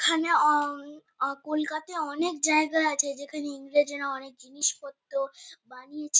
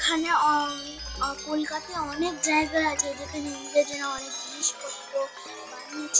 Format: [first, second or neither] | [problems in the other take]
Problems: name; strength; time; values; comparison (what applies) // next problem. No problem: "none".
first | background sound (Chime); 11 dB below the speech